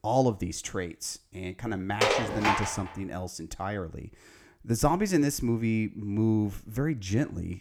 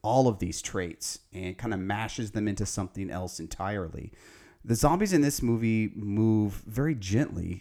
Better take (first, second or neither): second